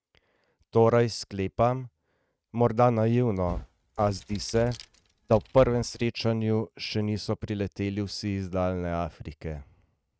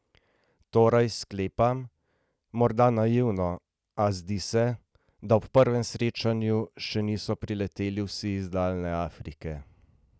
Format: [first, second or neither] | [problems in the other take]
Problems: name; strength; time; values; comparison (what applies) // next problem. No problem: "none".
second | noise reduction (neural mask model RNNoise)